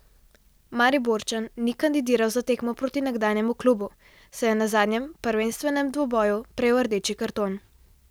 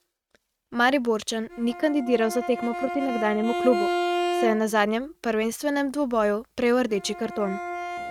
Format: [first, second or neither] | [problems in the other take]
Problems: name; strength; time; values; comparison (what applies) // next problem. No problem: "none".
first | noise reduction (neural mask model RNNoise)